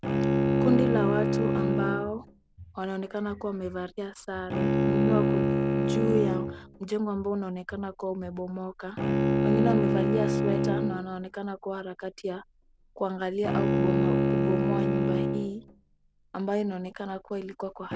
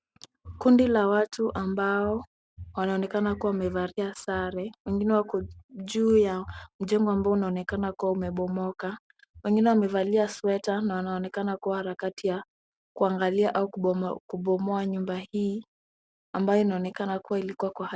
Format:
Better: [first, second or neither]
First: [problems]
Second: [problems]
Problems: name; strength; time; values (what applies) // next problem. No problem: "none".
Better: second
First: background sound (Bowed string instrument); 4 dB above the speech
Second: none